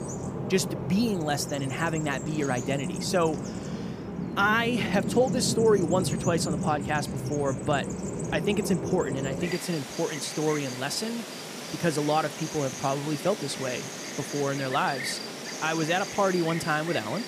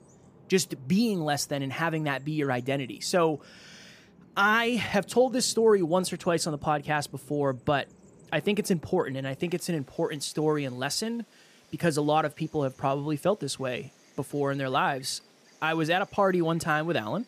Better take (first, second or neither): second